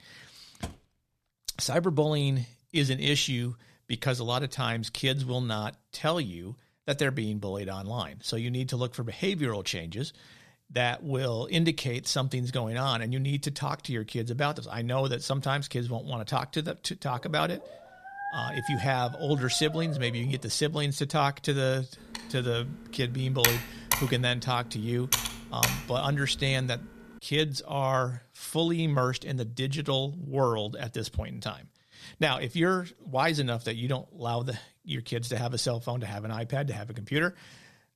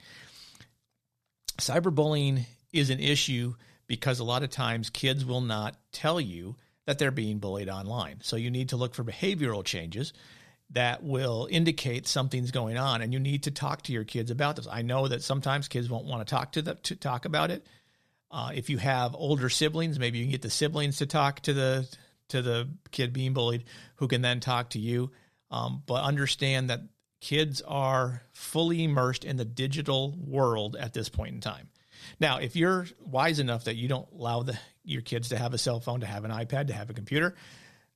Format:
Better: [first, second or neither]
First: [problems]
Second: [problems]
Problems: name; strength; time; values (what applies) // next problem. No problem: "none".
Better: second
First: door banging; faint; at 0.5 s; peak 10 dB below the speech // dog barking; noticeable; from 17 to 20 s; peak 5 dB below the speech // keyboard typing; loud; from 22 to 26 s; peak 4 dB above the speech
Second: none